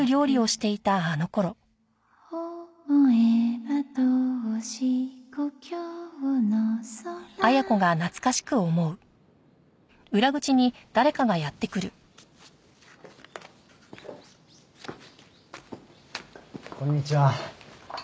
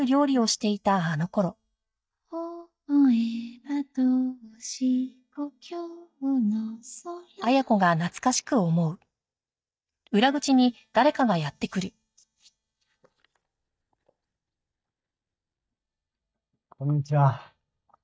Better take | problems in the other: first | noise reduction (neural mask model DeepFilterNet 3)

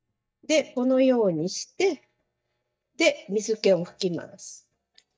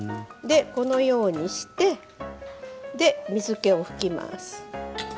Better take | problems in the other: second | noise reduction (neural mask model DeepFilterNet 3)

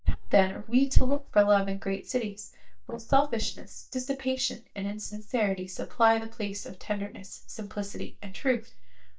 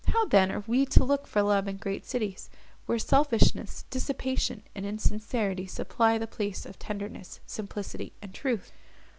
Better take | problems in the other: second | noise reduction (neural mask model DeepFilterNet 3)

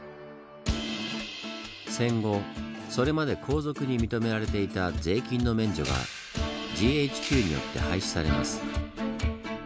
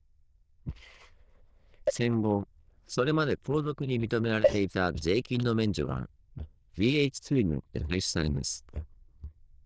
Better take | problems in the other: first | noise reduction (neural diffusion model UNIVERSE++)

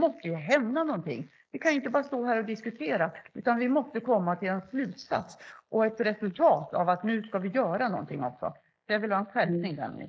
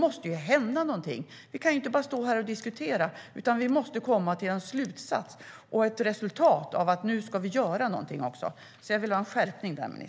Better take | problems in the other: second | noise reduction (neural mask model Resemble Enhance denoiser)

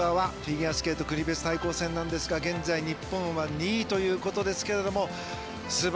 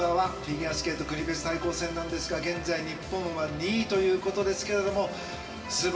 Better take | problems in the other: first | room echo; dies away in 2 s

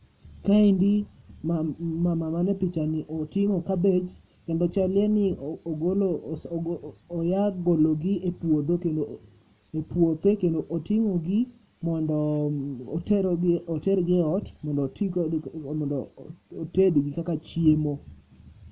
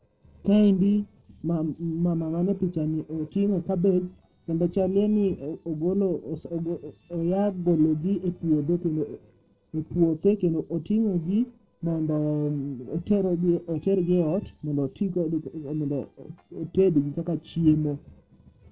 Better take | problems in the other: first | noise reduction (neural separator model SepFormer DNS4)

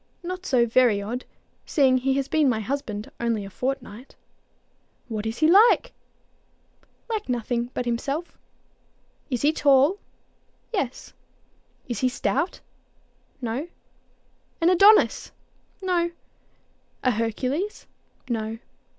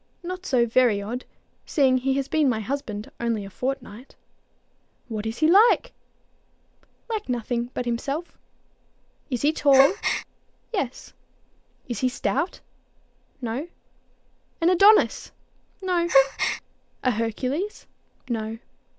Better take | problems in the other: first | background sound (Gasp); 2 dB below the speech

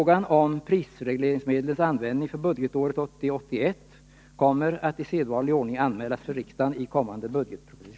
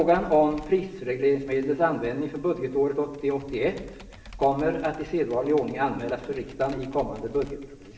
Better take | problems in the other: first | background sound (Computer keyboard); 20 dB below the speech // room echo; dies away in 0.8 s

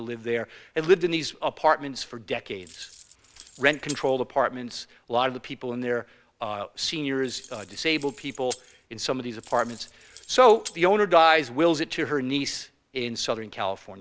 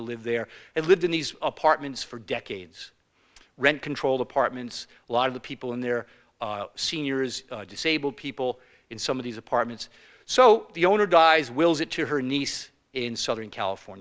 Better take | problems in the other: second | background sound (Keys jangling); 19 dB below the speech

